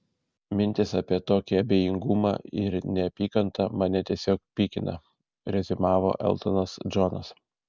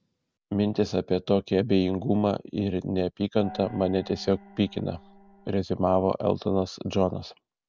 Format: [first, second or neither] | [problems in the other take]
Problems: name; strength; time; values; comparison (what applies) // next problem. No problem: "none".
first | background sound (Gong); 19 dB below the speech